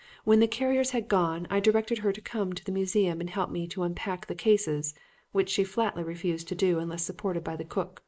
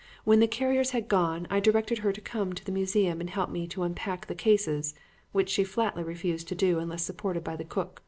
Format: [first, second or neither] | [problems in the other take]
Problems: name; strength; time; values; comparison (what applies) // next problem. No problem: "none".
second | noise reduction (neural mask model Resemble Enhance denoiser)